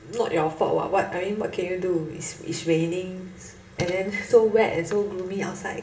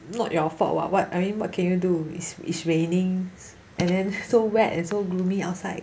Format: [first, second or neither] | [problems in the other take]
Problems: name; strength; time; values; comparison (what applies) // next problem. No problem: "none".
second | room echo; dies away in 1.6 s